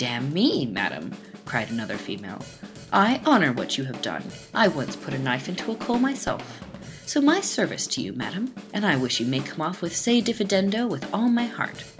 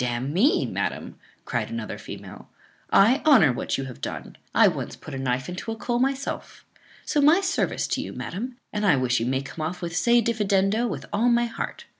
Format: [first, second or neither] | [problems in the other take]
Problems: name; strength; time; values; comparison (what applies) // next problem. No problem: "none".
second | background sound (Drum kit); 14 dB below the speech